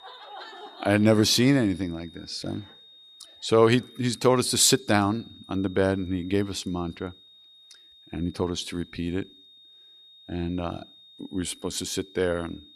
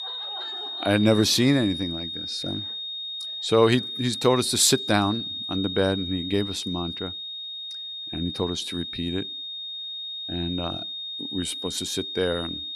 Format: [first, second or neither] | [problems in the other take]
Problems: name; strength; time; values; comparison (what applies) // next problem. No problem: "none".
first | high-pitched whine; loud; throughout; 3.5 kHz, 6 dB below the speech; faint in the first